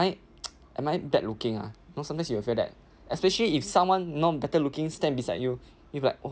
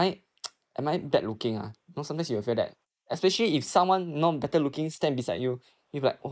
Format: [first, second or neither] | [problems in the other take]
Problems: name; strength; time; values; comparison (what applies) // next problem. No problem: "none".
first | noise reduction (neural mask model Resemble Enhance denoiser)